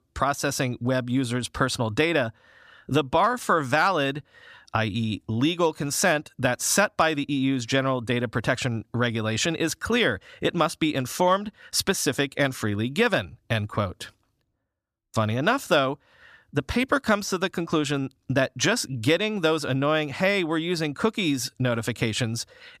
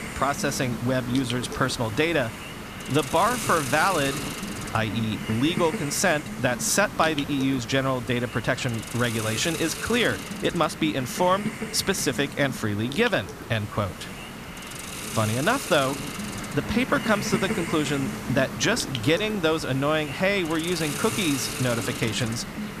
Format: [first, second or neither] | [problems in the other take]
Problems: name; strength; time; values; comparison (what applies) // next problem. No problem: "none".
first | hiss; loud; throughout; 7 dB below the speech